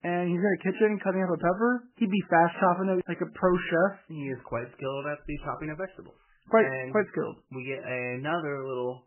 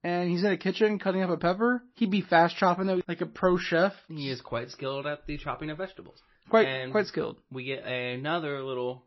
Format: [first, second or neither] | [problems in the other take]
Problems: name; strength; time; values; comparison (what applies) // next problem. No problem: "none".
second | garbled, watery; badly; nothing above 3 kHz; slightly in the second